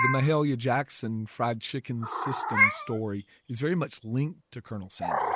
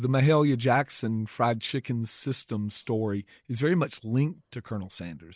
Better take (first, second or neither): second